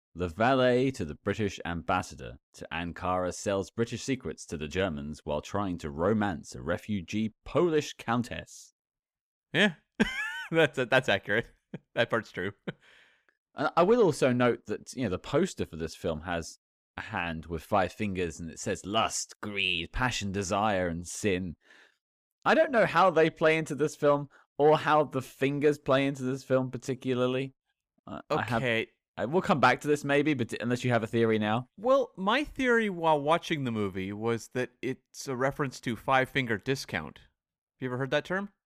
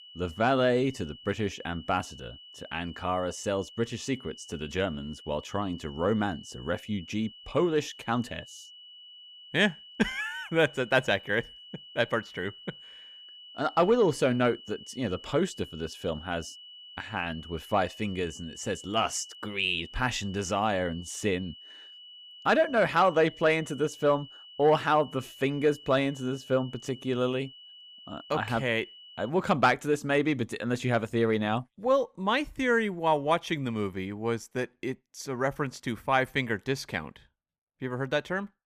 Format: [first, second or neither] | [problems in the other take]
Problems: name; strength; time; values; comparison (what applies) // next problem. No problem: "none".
first | high-pitched whine; noticeable; until 29 s; 3 kHz, 20 dB below the speech